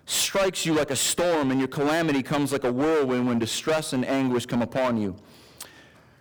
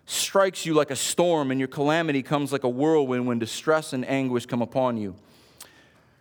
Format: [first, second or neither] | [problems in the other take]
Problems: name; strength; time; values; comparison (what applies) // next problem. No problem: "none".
second | distortion; heavy; 18% of the sound clipped